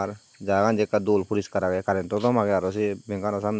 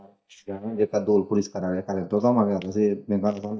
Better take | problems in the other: first | noise reduction (neural mask model DeepFilterNet 3)

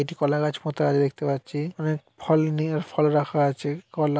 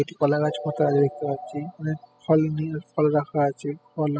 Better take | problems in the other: first | noise reduction (classical method spectral subtraction)

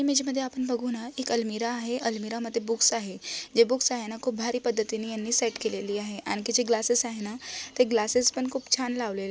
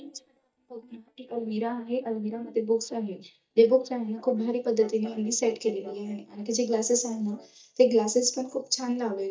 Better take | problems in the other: first | noise reduction (neural mask model DeepFilterNet 3)

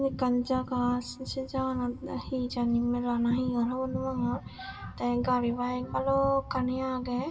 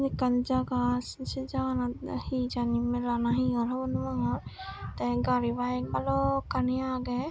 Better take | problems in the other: second | room echo; dies away in 2.2 s

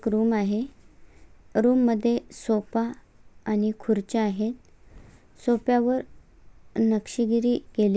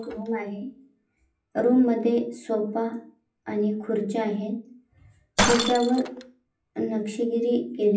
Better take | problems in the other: first | noise reduction (classical method WPE with log-MMSE)

